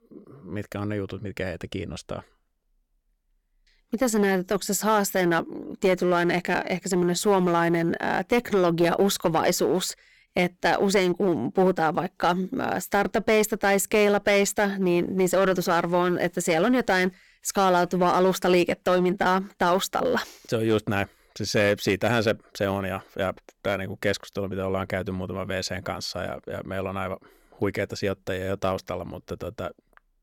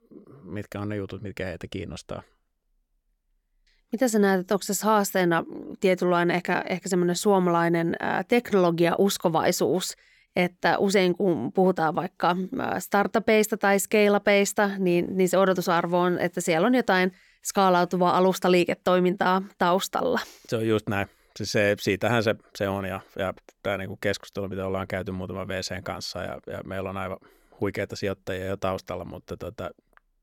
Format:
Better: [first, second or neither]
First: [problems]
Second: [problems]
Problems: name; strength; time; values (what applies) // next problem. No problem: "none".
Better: second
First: distortion; slight; 4% of the sound clipped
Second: none